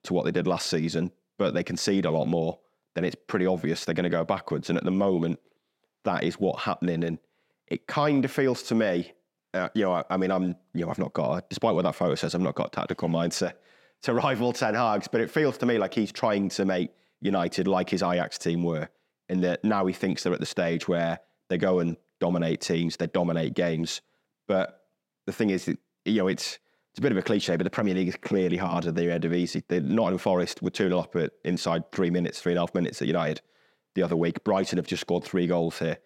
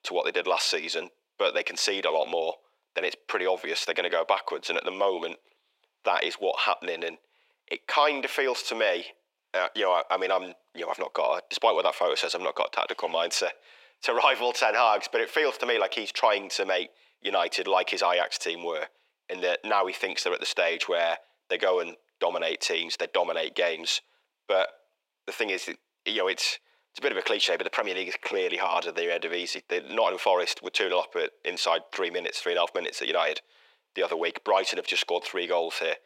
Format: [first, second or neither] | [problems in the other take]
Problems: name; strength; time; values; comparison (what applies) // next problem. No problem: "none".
first | thin; very; fading below 450 Hz